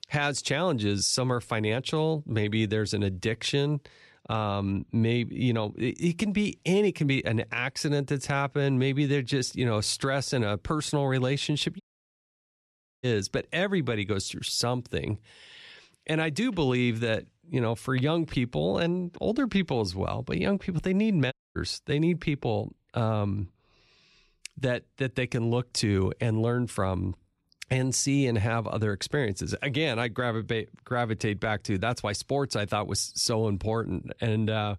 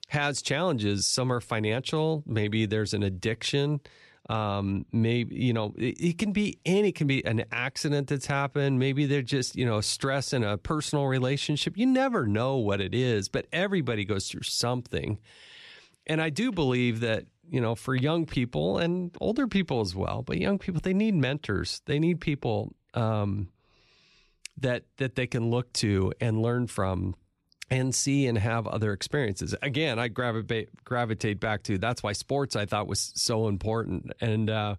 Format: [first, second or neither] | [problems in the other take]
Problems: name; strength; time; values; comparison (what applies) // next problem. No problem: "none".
second | audio cutting out; at 12 s for 1 s and at 21 s